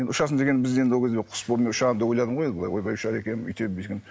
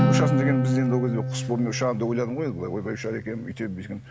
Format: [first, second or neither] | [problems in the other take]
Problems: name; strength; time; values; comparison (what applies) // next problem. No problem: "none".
first | background sound (Acoustic guitar); as loud as the speech